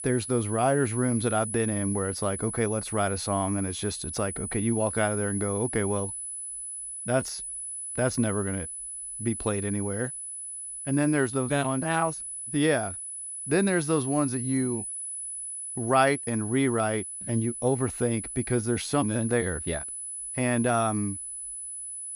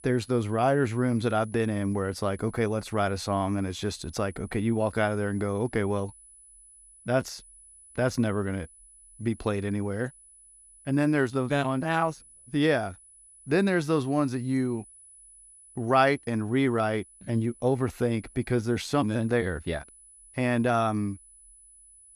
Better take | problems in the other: second | high-pitched whine; loud; throughout; 10 kHz, 6 dB below the speech; faint in the second

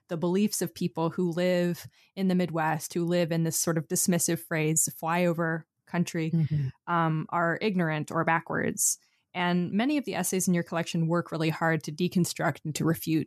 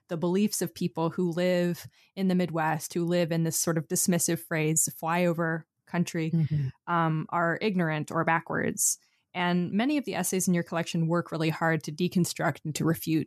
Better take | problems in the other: neither | none

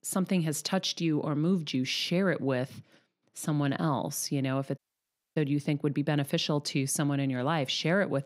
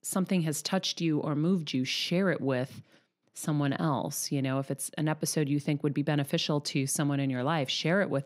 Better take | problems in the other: second | audio cutting out; at 5 s for 0.5 s

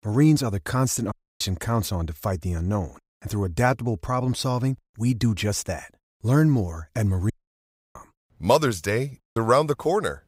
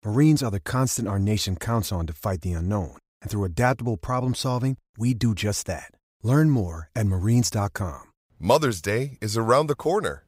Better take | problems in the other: second | audio cutting out; at 1 s, at 7.5 s for 0.5 s and at 9 s

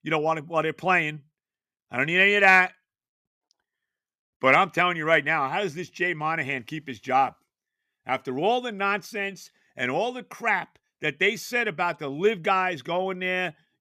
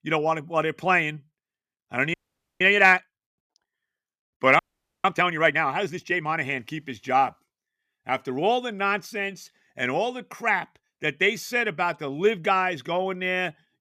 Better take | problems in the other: first | audio freezing; at 2 s and at 4.5 s

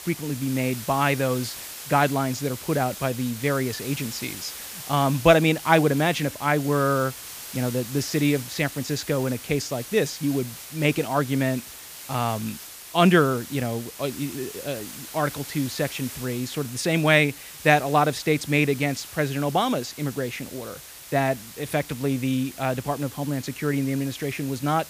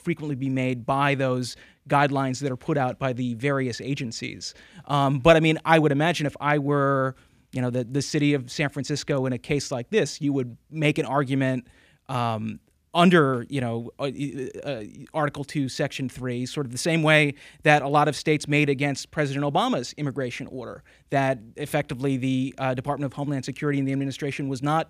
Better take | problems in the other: second | hiss; noticeable; throughout; 10 dB below the speech

